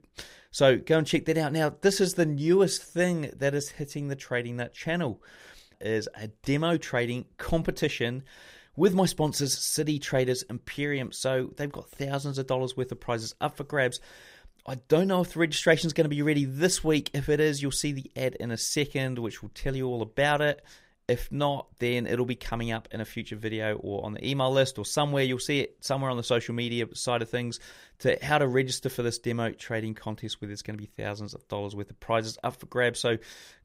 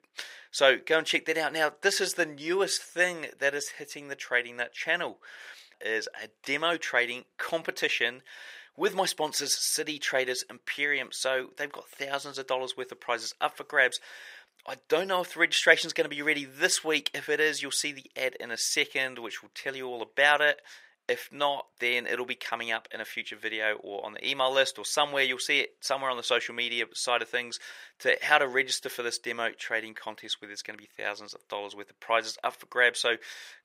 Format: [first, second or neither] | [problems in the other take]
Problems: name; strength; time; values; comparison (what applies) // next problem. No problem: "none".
first | thin; very; fading below 500 Hz